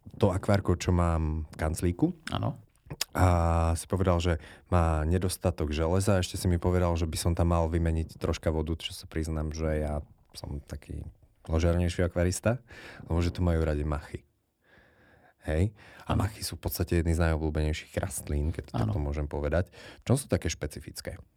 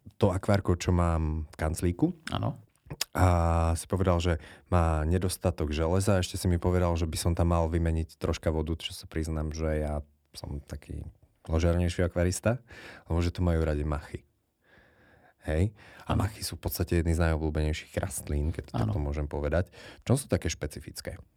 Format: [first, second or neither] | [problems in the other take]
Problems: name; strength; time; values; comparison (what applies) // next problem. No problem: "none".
second | low rumble; faint; until 14 s; 25 dB below the speech